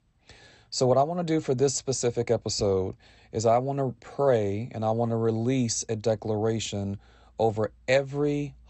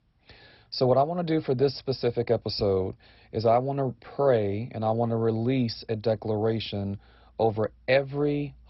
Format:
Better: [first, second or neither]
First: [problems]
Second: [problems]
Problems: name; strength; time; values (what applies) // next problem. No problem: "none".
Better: first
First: garbled, watery; slightly; nothing above 8 kHz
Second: garbled, watery; badly; nothing above 5.5 kHz